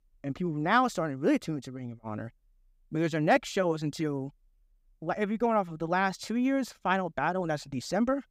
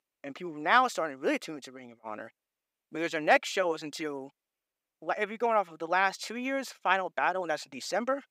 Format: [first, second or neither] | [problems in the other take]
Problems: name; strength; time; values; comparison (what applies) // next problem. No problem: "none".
first | thin; somewhat; fading below 450 Hz